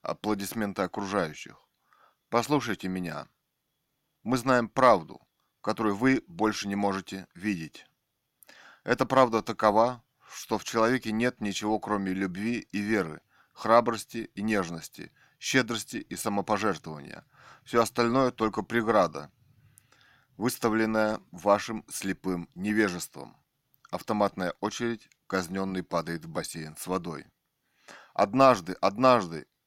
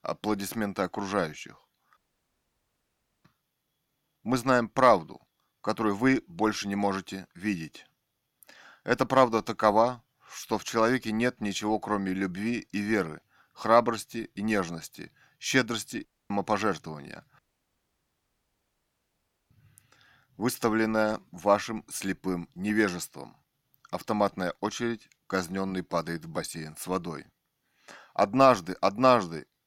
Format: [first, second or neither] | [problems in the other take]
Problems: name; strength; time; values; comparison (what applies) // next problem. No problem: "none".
first | audio cutting out; at 2 s for 1.5 s, at 16 s and at 17 s for 2 s